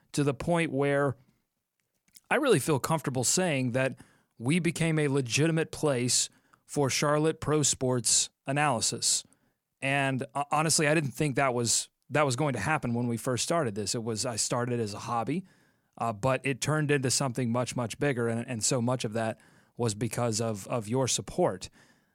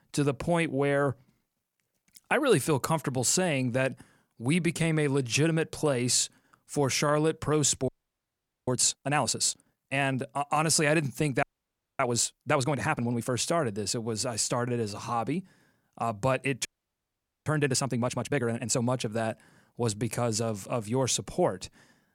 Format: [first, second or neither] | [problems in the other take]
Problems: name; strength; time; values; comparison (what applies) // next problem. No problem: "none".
first | audio freezing; at 8 s for 1 s, at 11 s for 0.5 s and at 17 s for 1 s